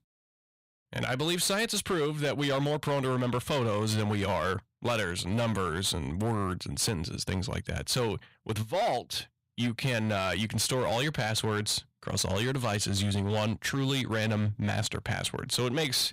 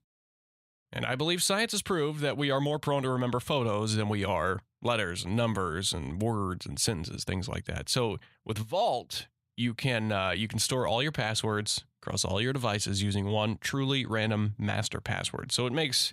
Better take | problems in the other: second | distortion; slight; 12% of the sound clipped

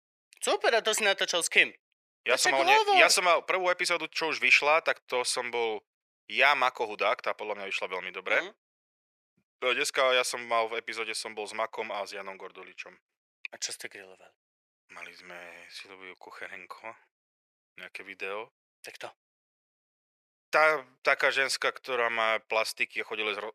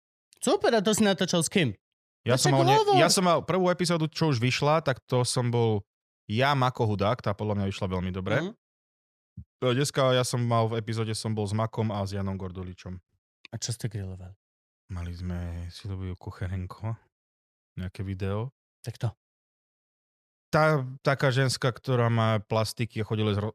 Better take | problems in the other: second | thin; very; fading below 450 Hz

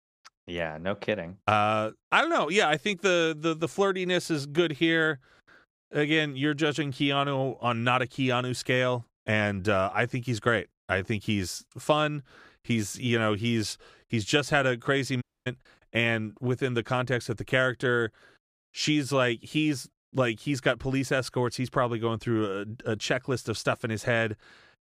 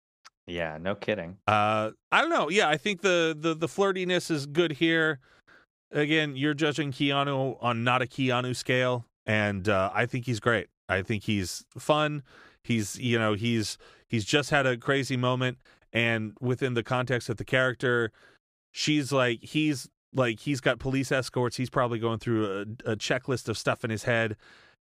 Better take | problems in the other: second | audio cutting out; at 15 s

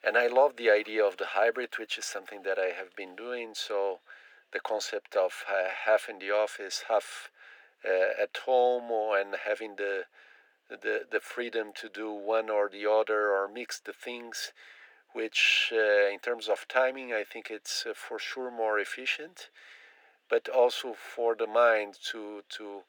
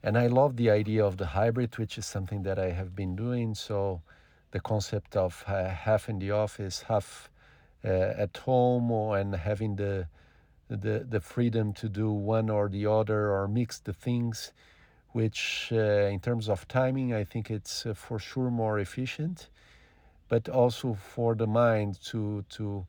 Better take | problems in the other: second | thin; very; fading below 350 Hz

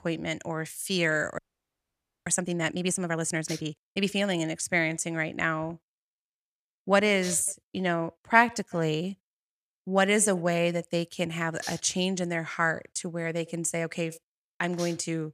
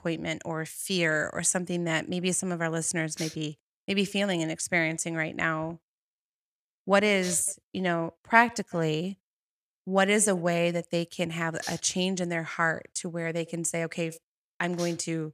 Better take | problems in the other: second | audio freezing; at 1.5 s for 1 s

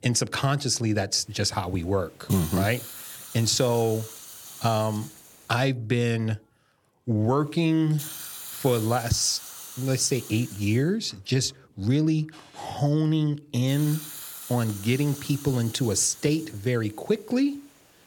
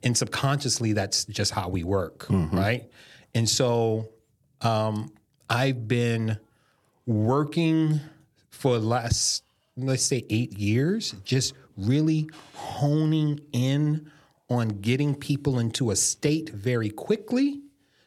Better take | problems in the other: second | hiss; noticeable; from 1 to 5.5 s, from 7.5 to 11 s and from 14 s on; 15 dB below the speech

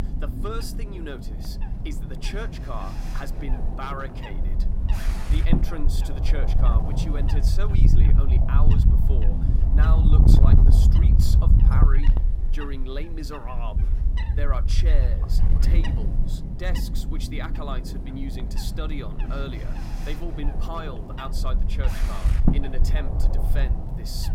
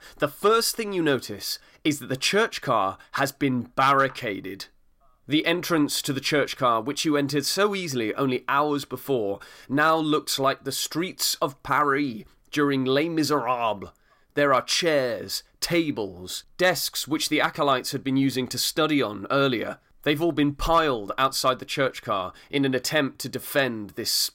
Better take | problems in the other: second | wind noise on the microphone; heavy; 1 dB below the speech

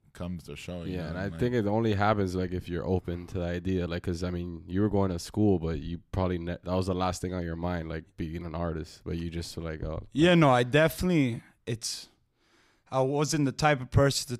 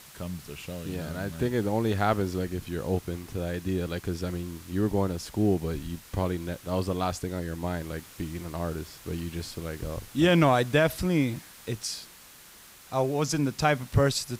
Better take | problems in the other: first | hiss; noticeable; throughout; 20 dB below the speech

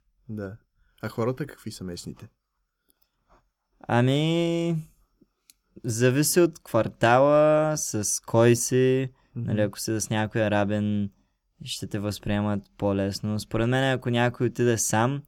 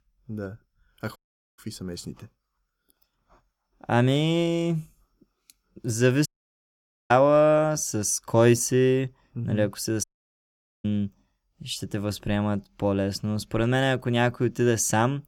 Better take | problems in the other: first | audio cutting out; at 1 s, at 6.5 s for 1 s and at 10 s for 1 s

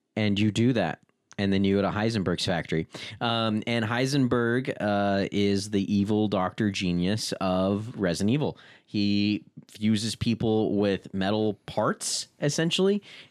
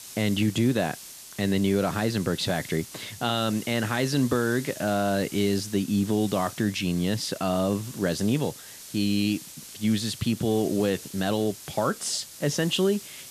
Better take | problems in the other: first | hiss; noticeable; throughout; 15 dB below the speech

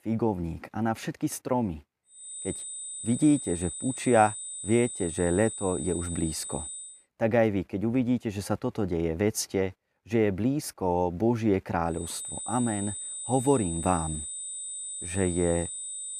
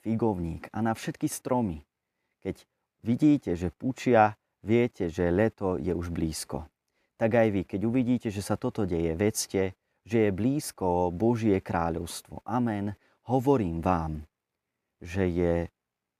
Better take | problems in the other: second | high-pitched whine; loud; from 2 to 7 s and from 12 s on; 8 kHz, 7 dB below the speech

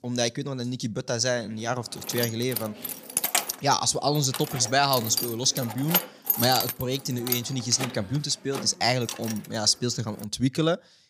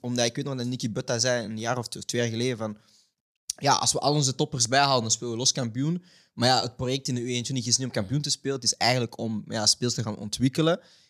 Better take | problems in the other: second | jangling keys; loud; from 2 to 9.5 s; peak 2 dB above the speech

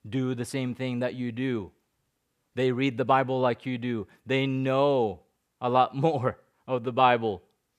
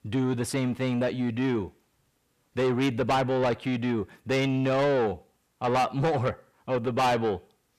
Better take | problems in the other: first | distortion; heavy; 7 dB below the speech

